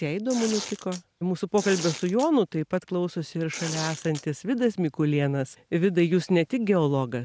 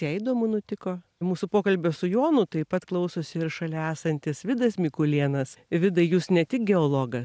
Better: second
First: background sound (Tearing); 11 dB below the speech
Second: none

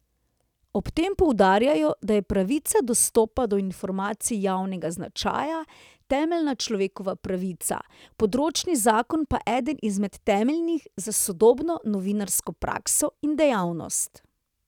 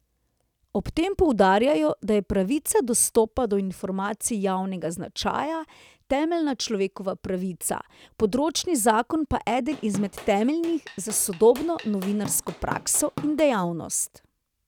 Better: first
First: none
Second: background sound (Drum / Drum kit); 15 dB below the speech

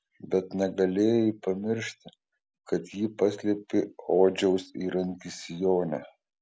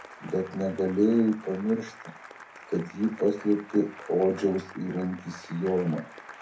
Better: first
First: none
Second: background sound (Applause); 18 dB below the speech // room echo; dies away in 0.3 s

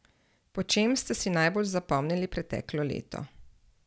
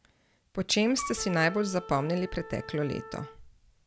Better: first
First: none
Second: background sound (Wind instrument, woodwind instrument); 13 dB below the speech

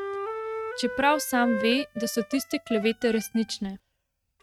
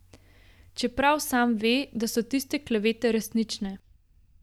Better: second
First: noise reduction (neural mask model RNNoise)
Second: none

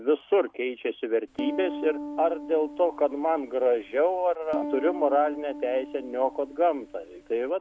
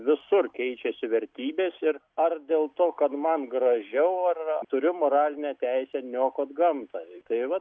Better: second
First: background sound (Piano); 11 dB below the speech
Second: none

